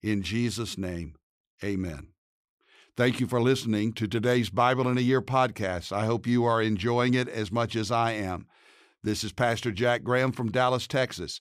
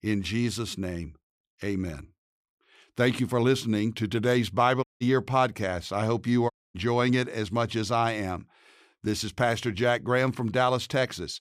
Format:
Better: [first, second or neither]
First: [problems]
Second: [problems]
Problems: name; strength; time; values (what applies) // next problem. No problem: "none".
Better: first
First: none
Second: audio cutting out; at 5 s and at 6.5 s